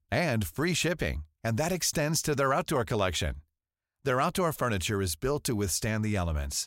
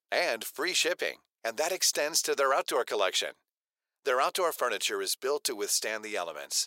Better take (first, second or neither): first